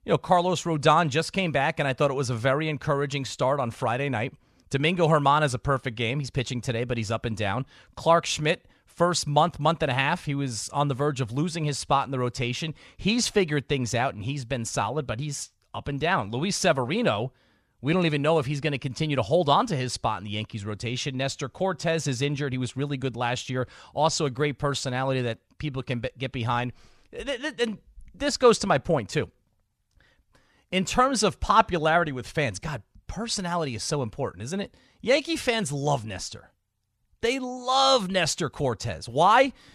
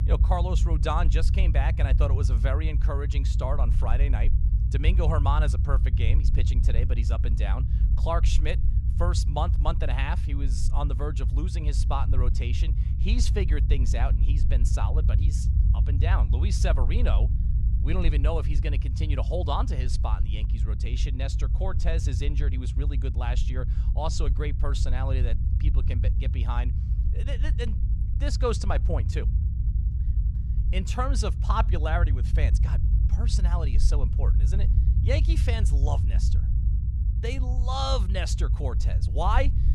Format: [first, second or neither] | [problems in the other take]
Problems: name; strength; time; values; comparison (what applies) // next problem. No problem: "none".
first | low rumble; loud; throughout; 9 dB below the speech